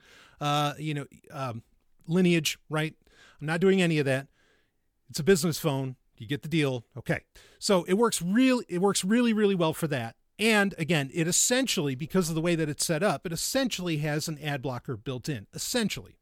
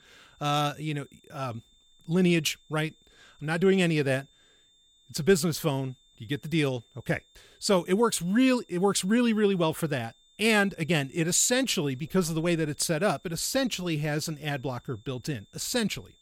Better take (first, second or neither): first